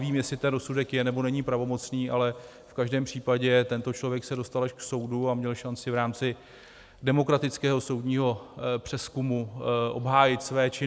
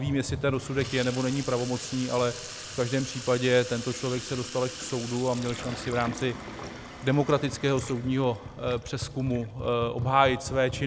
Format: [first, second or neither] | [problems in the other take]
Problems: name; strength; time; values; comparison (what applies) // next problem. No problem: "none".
first | background sound (Sink (filling or washing) / Water tap, faucet); 11 dB below the speech